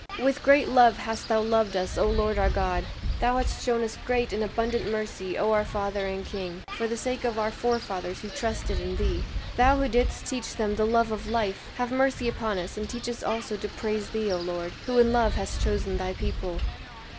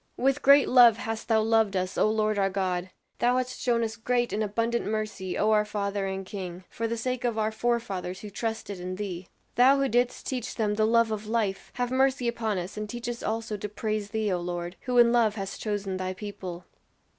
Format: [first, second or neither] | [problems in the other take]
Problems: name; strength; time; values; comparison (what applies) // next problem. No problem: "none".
second | background sound (Wind); 6 dB below the speech